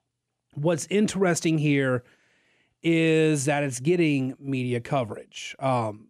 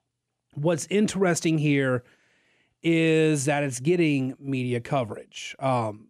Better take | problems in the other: neither | none

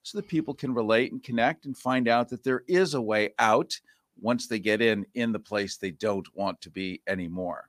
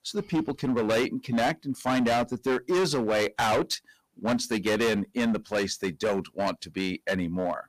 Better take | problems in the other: first | distortion; heavy; 15% of the sound clipped

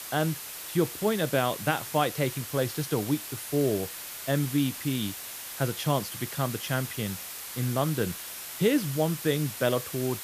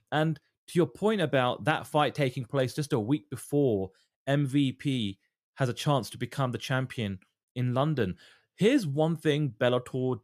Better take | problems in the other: second | hiss; loud; throughout; 7 dB below the speech

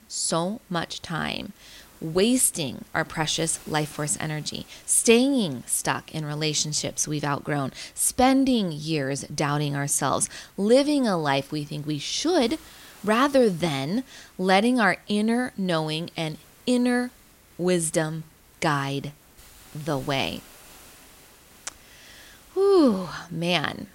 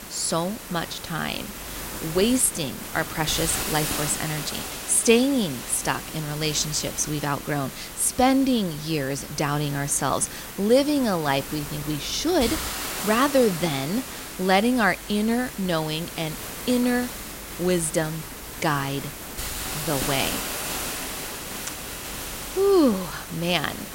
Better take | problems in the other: first | hiss; loud; throughout; 8 dB below the speech; faint in the first

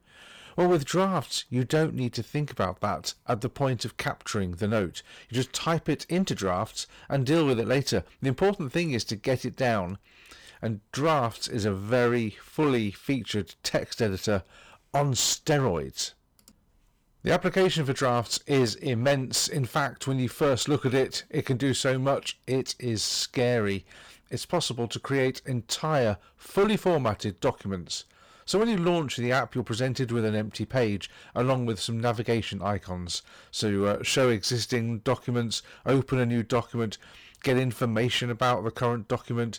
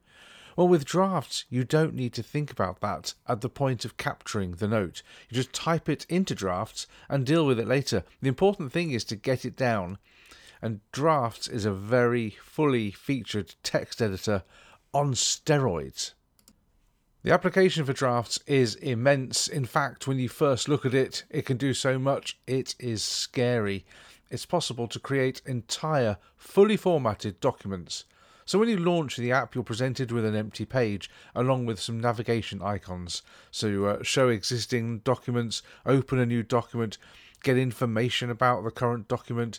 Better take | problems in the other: second | distortion; slight; 7% of the sound clipped

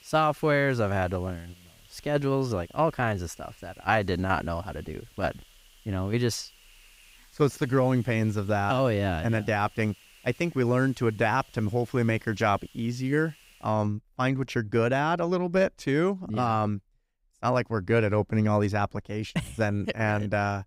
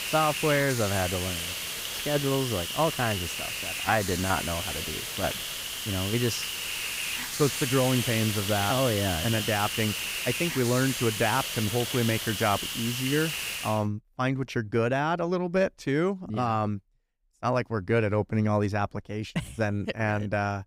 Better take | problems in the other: first | hiss; loud; until 14 s; 2 dB below the speech; faint in the first

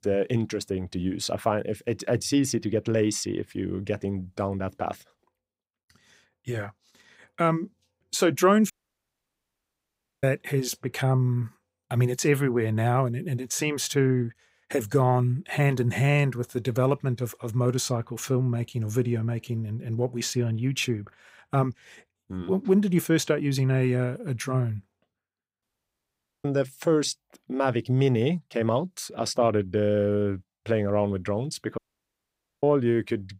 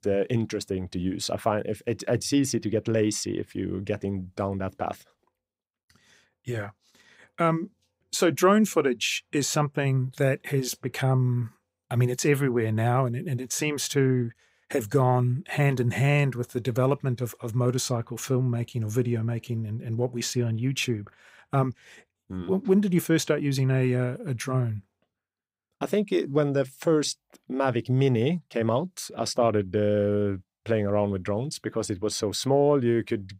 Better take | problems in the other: second | audio cutting out; at 8.5 s for 1.5 s, at 26 s for 1 s and at 32 s for 1 s

